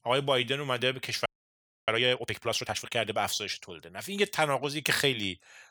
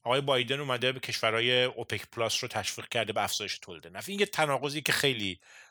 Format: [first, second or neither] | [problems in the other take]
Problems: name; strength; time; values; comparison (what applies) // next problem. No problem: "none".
second | audio freezing; at 1.5 s for 0.5 s